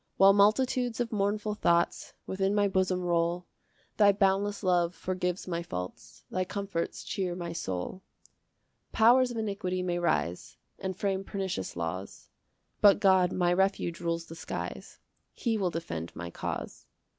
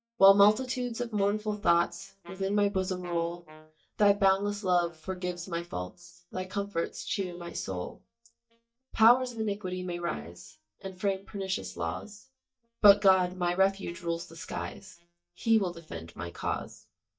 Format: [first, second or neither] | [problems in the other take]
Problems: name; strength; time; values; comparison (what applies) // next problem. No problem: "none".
first | noise reduction (neural mask model DeepFilterNet 3)